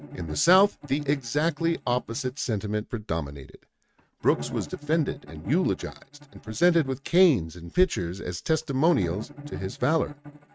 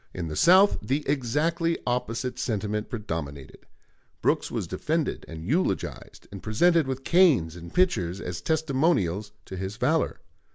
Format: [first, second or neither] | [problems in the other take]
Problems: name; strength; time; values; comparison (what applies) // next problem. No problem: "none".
second | noise reduction (neural mask model RNNoise)